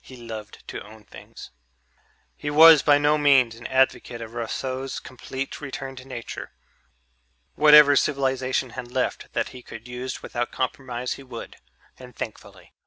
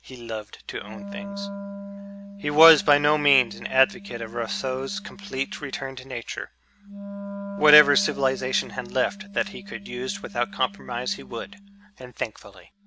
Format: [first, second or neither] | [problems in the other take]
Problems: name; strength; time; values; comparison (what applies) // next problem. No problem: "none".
first | background sound (Wind instrument, woodwind instrument); 14 dB below the speech